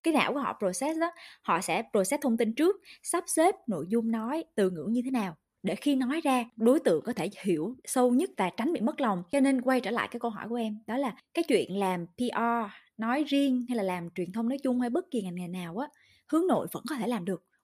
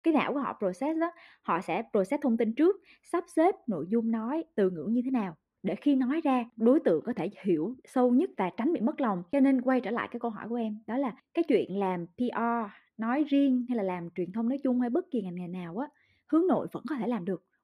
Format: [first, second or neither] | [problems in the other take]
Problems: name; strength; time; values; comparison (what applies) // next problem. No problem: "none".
first | muffled; slightly; fading above 4 kHz